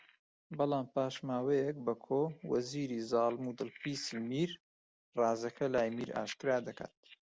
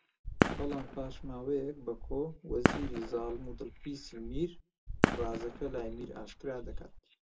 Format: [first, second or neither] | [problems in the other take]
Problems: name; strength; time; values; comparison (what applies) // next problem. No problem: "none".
first | background sound (Fireworks); 3 dB above the speech // room echo; dies away in 0.2 s